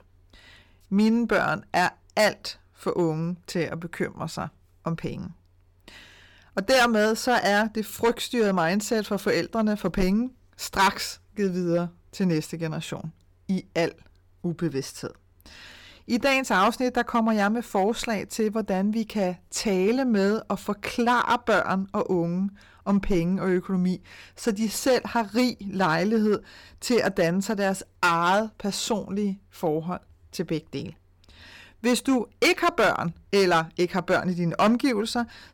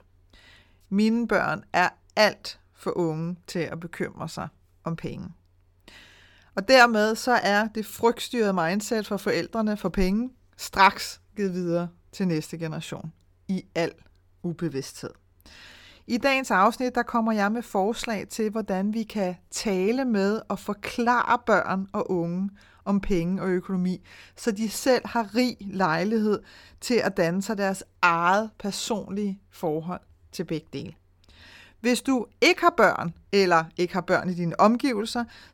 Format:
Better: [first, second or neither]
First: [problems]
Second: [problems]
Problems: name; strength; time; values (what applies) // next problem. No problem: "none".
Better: second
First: distortion; slight; 3% of the sound clipped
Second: none